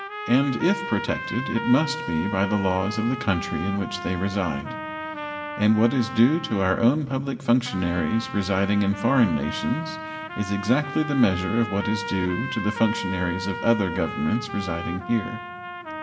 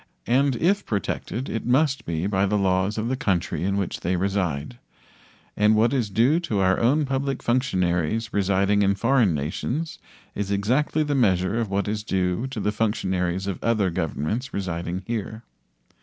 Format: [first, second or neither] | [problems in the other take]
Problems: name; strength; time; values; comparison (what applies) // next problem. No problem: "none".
second | background sound (Trumpet); 9 dB below the speech // room echo; dies away in 2.4 s